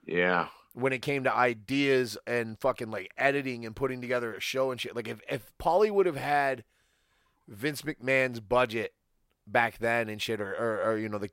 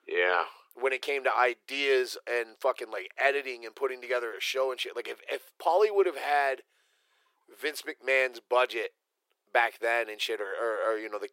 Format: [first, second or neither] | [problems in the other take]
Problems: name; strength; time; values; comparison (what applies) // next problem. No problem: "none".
first | thin; very; fading below 350 Hz